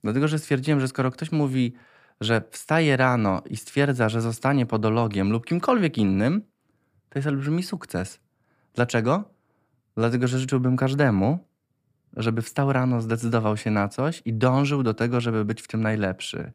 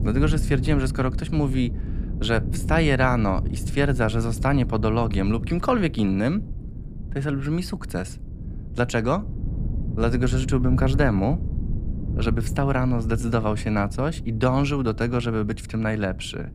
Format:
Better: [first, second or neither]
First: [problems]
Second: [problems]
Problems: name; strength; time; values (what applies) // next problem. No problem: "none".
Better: first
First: none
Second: wind noise on the microphone; occasional gusts; 15 dB below the speech